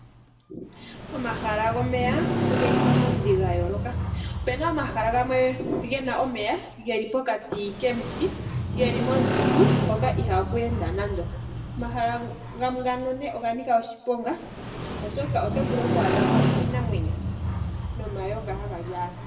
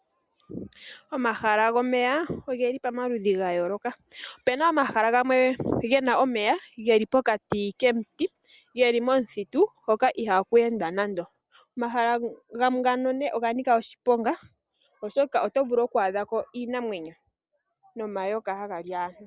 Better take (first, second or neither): second